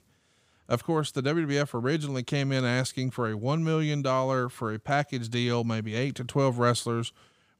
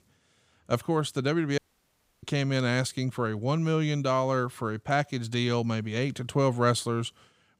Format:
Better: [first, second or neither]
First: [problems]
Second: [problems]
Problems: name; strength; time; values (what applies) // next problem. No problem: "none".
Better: first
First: none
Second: audio cutting out; at 1.5 s for 0.5 s